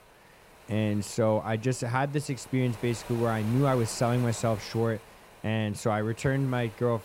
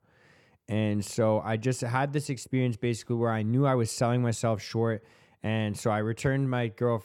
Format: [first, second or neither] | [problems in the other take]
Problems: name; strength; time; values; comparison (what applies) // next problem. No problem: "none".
second | wind noise on the microphone; occasional gusts; 15 dB below the speech